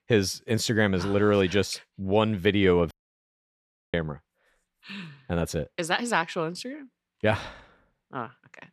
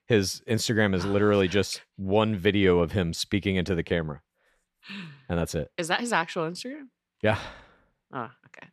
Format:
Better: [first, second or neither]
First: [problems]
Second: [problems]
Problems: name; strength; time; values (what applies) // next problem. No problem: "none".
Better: second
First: audio cutting out; at 3 s for 1 s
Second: none